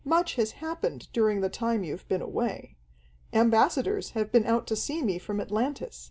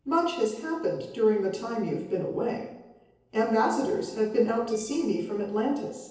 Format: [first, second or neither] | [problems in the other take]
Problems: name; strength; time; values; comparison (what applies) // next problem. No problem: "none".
first | noise reduction (neural separator model SepFormer DNS4)